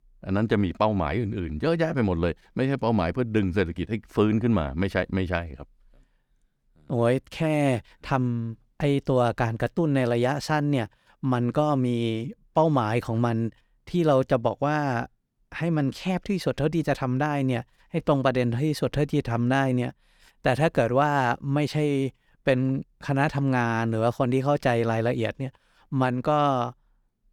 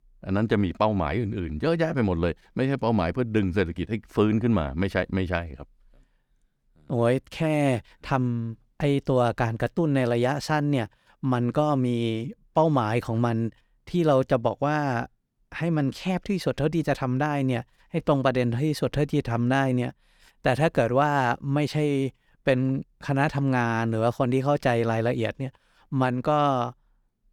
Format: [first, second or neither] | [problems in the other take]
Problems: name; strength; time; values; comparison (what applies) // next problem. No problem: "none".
neither | none